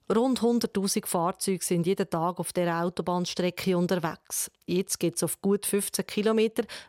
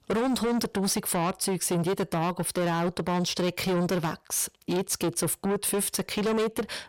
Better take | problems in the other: first | distortion; heavy; 8 dB below the speech

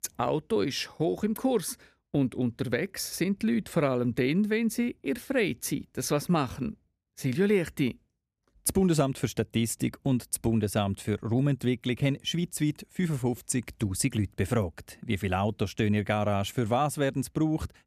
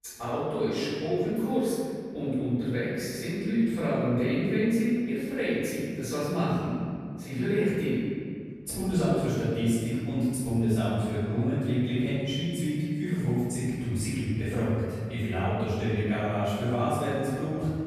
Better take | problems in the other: first | off-mic speech; far // room echo; strong; dies away in 2 s

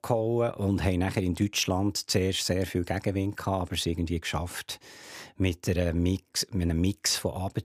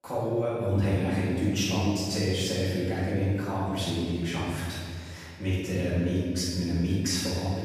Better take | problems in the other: first | room echo; strong; dies away in 1.9 s // off-mic speech; far

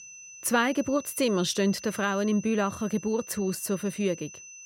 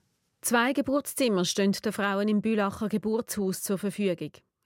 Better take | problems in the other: second | high-pitched whine; noticeable; throughout; 6 kHz, 15 dB below the speech

